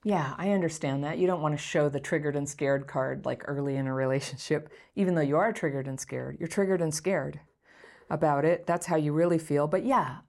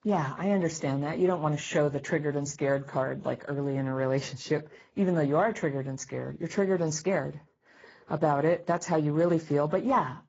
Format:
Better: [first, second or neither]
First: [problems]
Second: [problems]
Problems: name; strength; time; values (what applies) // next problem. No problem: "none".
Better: first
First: none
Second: garbled, watery; badly; nothing above 7.5 kHz